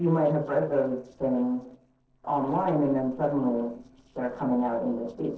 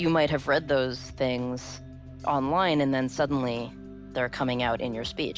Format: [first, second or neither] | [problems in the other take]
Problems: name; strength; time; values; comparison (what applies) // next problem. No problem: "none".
second | noise reduction (neural separator model SepFormer DNS4)